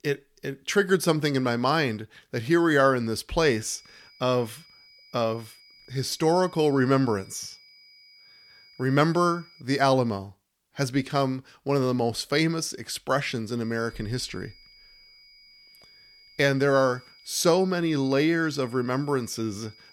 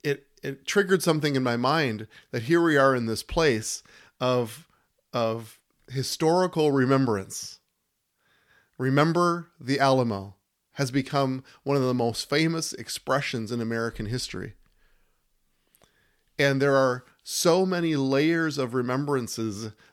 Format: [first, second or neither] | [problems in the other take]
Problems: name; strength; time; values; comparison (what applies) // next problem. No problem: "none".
second | high-pitched whine; faint; from 3.5 to 9.5 s and from 14 s on; 5 kHz, 25 dB below the speech